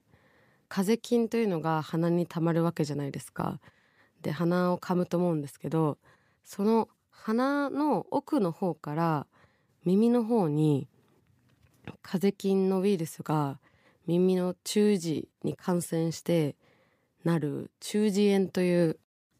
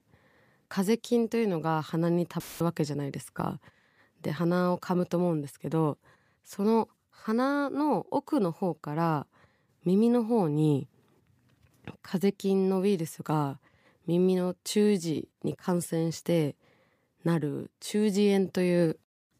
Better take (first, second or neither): first